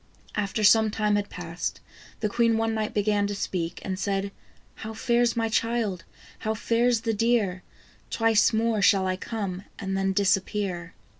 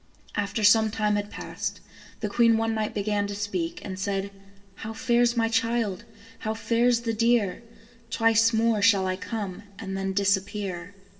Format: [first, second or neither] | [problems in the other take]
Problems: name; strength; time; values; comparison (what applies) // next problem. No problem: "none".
first | room echo; dies away in 1.1 s